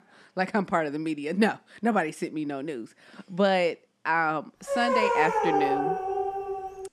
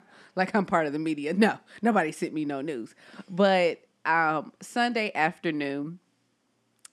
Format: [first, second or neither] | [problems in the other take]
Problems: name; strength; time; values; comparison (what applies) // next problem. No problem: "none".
second | dog barking; loud; from 4.5 s on; peak 3 dB above the speech